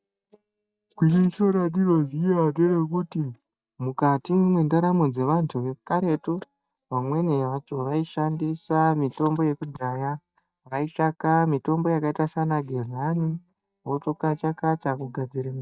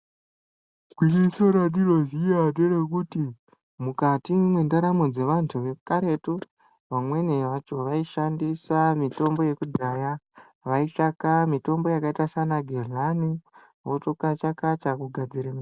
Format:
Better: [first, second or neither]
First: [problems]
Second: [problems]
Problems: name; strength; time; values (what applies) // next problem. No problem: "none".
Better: second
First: noise reduction (neural mask model DeepFilterNet 3)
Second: none